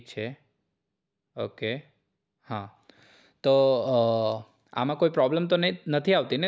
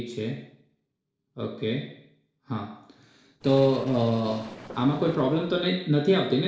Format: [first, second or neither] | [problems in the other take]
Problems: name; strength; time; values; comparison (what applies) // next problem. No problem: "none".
first | noise reduction (neural separator model SepFormer DNS4)